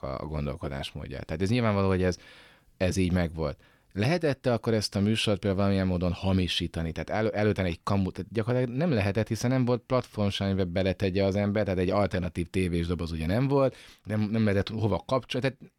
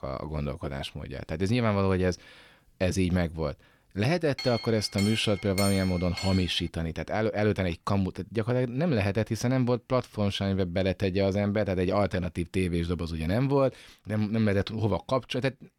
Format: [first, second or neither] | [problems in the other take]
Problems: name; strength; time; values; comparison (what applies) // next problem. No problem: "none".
first | clattering dishes; noticeable; from 4.5 to 6.5 s; peak 5 dB below the speech